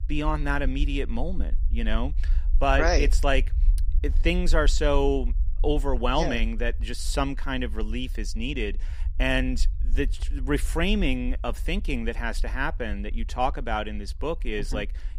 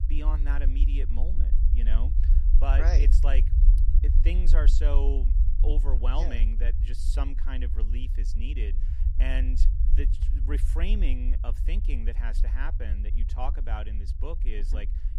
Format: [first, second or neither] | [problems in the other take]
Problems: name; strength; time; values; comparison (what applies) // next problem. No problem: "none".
first | low rumble; loud; throughout; 8 dB below the speech; faint in the first